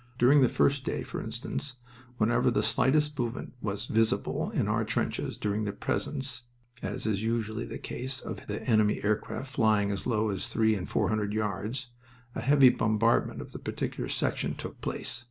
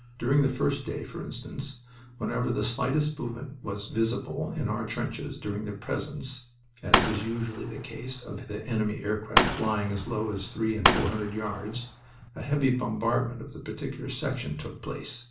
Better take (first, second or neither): first